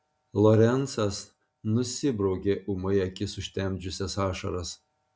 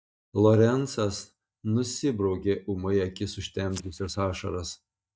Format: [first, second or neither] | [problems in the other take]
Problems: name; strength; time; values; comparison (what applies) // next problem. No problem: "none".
first | noise reduction (neural mask model DeepFilterNet 3)